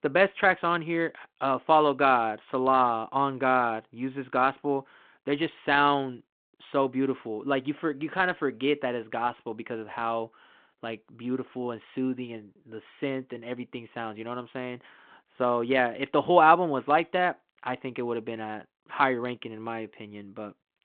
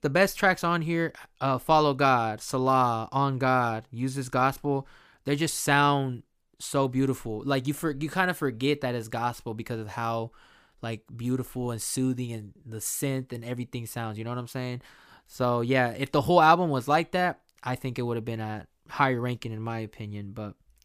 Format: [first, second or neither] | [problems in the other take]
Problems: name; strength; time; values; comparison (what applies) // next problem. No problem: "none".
second | phone-call audio